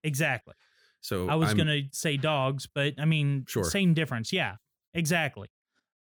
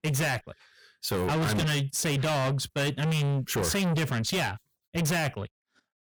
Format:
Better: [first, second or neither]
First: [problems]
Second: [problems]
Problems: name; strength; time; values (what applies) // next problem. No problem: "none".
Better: first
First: none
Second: distortion; heavy; 6 dB below the speech